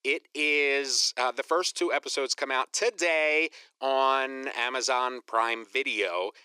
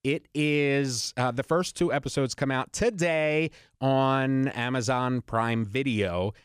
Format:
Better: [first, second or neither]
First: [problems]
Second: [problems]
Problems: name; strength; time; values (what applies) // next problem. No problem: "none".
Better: second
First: thin; very; fading below 350 Hz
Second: none